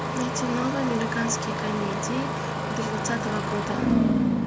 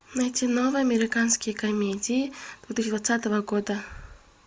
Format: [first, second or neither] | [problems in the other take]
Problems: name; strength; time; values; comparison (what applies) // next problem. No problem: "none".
second | background sound (Engine starting); 4 dB above the speech